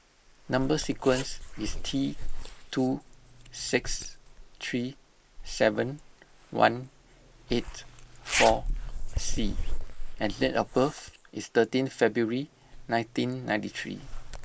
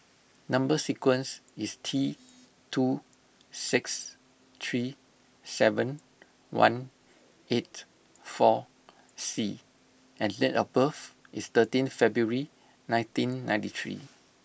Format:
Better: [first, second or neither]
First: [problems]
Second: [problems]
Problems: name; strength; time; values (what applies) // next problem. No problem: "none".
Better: second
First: noise reduction (neural mask model Resemble Enhance denoiser)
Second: none